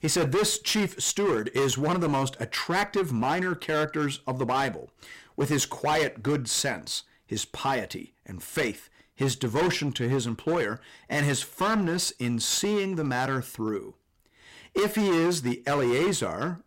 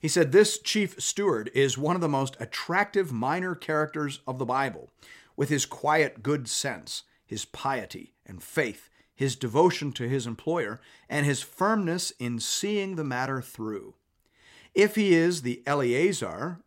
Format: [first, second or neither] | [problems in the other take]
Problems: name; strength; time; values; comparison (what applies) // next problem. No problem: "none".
second | distortion; heavy; 14% of the sound clipped